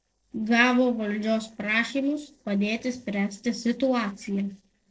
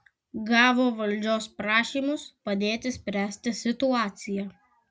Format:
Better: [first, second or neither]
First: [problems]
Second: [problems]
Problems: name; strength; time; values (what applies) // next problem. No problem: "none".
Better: second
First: noise reduction (neural separator model SepFormer DNS4)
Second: none